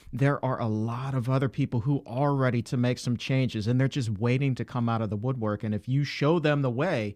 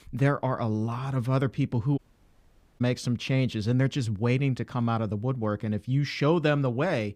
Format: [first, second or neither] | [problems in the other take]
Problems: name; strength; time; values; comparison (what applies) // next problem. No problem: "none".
first | audio cutting out; at 2 s for 1 s